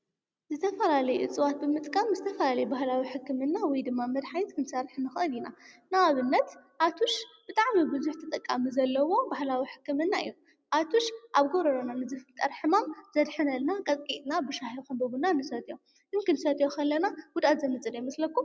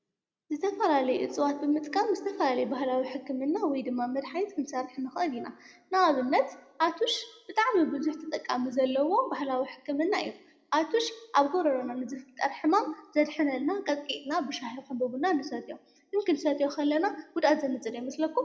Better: first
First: none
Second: room echo; dies away in 0.6 s

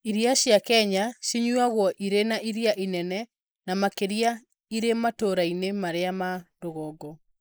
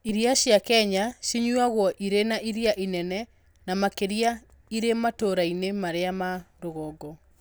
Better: second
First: noise reduction (neural mask model Resemble Enhance denoiser)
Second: none

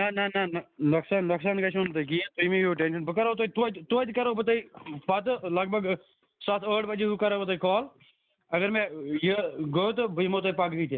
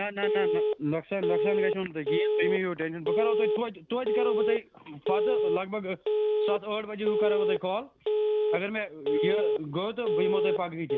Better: first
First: none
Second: background sound (Telephone); 4 dB above the speech

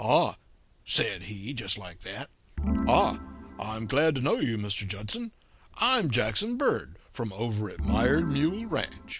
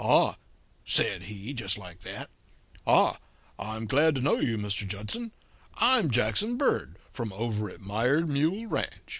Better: second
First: background sound (Organ); 2 dB below the speech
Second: none

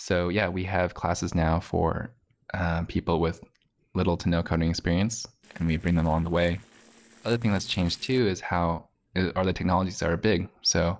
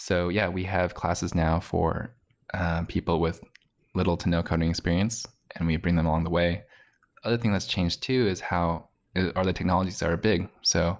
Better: second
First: noise reduction (neural separator model SepFormer DNS4)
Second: none

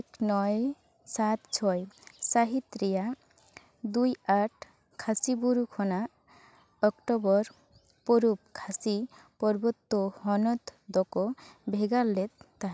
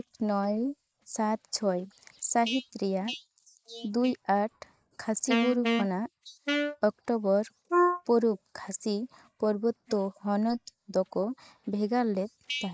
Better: first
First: none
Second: noise reduction (neural mask model Resemble Enhance denoiser)

